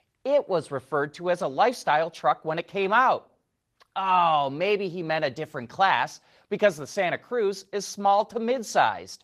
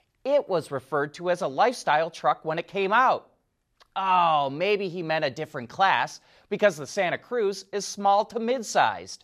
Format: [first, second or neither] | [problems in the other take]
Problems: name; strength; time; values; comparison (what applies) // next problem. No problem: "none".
second | garbled, watery; slightly; nothing above 14.5 kHz